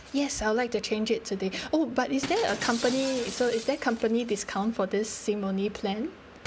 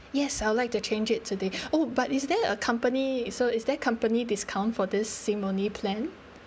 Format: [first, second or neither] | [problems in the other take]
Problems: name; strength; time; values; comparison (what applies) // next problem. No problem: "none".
second | background sound (Shatter); 15 dB below the speech